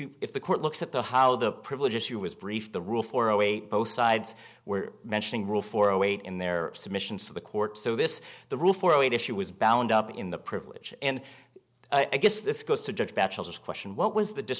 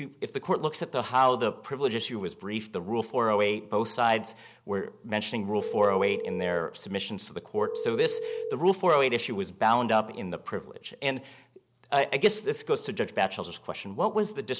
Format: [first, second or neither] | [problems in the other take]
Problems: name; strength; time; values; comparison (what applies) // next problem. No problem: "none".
first | background sound (Telephone); 4 dB below the speech